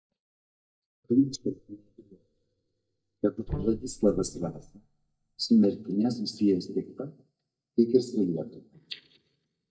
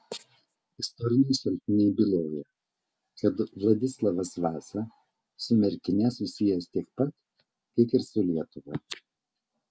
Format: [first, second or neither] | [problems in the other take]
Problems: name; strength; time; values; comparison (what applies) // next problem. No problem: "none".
second | noise reduction (neural mask model DeepFilterNet 3)